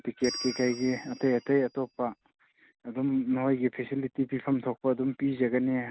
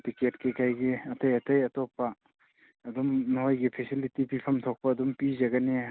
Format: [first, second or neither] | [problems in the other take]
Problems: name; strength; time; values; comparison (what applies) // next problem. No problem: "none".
second | background sound (Bell); 14 dB below the speech